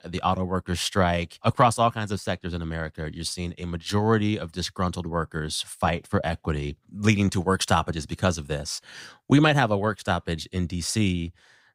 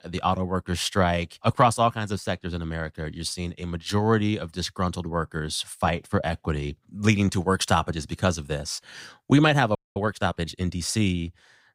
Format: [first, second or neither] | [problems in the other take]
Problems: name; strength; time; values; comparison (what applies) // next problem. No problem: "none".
first | audio freezing; at 10 s